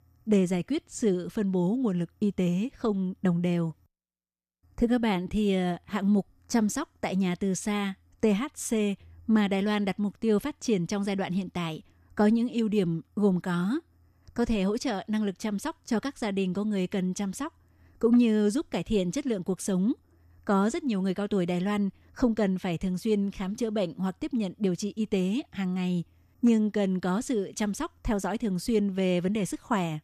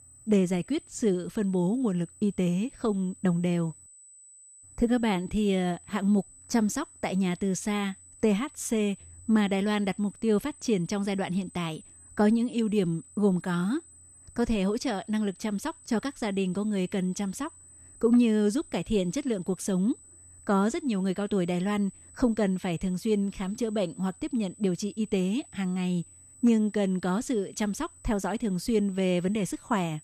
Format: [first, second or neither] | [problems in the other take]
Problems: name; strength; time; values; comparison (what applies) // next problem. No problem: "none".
first | high-pitched whine; faint; throughout; 8 kHz, 20 dB below the speech